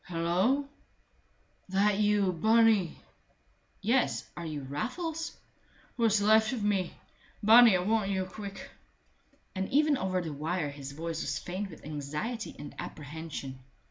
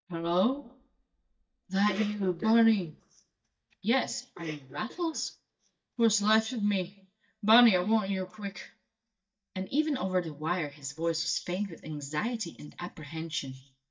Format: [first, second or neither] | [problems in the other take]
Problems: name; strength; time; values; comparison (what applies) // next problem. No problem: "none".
first | noise reduction (neural mask model DeepFilterNet 3)